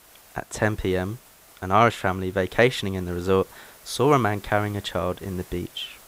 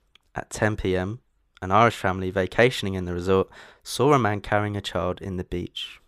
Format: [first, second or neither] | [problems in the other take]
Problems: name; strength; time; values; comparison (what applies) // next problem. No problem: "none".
second | hiss; faint; throughout; 25 dB below the speech